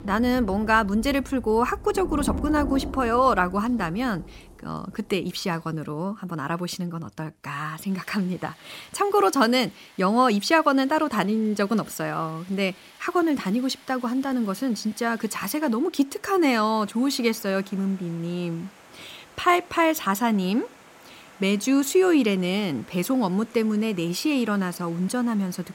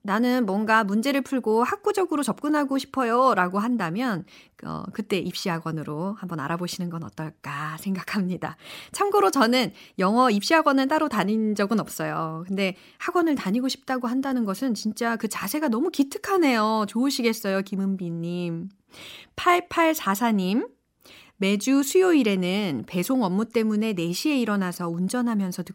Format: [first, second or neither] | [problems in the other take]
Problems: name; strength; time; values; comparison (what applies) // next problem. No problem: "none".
second | rain or running water; noticeable; throughout; 20 dB below the speech